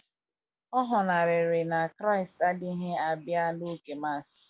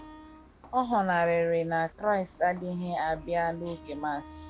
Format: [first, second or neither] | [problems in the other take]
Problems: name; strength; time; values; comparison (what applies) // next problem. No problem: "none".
first | background sound (Wind instrument, woodwind instrument + Walk, footsteps); 20 dB below the speech